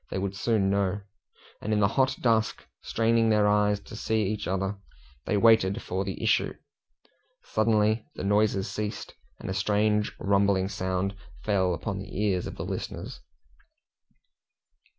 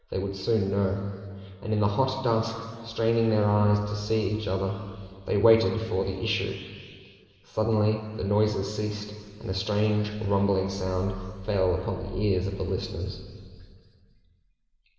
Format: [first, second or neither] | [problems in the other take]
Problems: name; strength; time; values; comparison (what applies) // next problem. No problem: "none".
first | room echo; dies away in 2.3 s